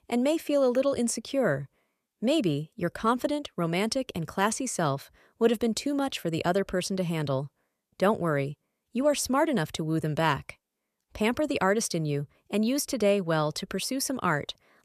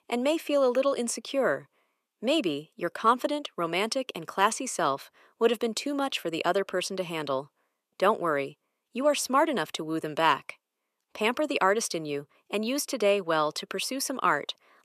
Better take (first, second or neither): first